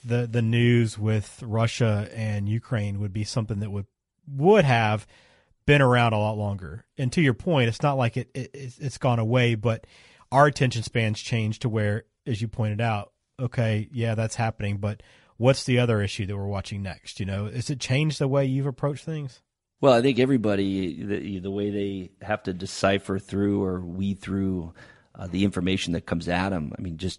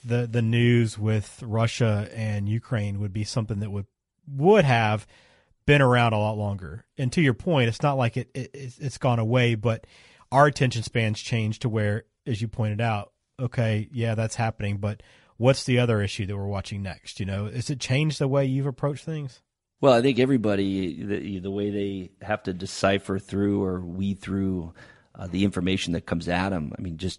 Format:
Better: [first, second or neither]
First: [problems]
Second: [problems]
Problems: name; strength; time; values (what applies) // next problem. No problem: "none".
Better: neither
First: garbled, watery; slightly; nothing above 11 kHz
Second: garbled, watery; slightly; nothing above 11 kHz